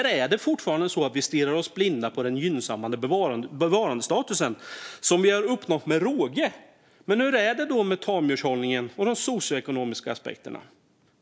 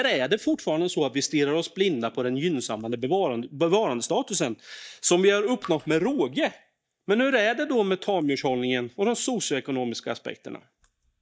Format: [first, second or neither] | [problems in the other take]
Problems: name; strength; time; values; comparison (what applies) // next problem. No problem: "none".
first | noise reduction (neural mask model DeepFilterNet 3)